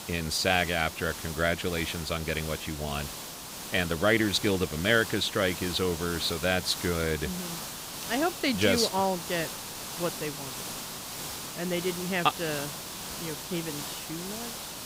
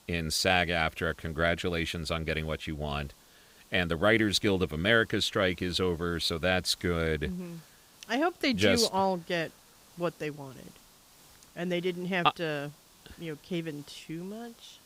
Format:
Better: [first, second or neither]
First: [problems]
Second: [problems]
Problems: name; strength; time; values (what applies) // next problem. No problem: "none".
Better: second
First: hiss; loud; throughout; 8 dB below the speech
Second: hiss; faint; throughout; 25 dB below the speech